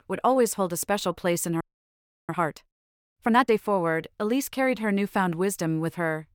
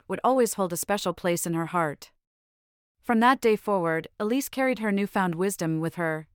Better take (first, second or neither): second